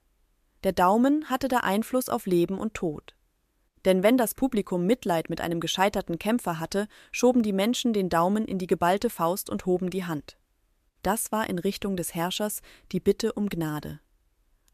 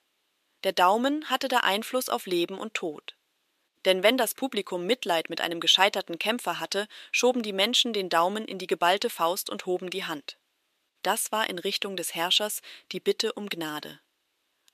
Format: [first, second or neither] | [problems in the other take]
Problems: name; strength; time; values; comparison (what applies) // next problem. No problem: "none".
first | thin; somewhat; fading below 350 Hz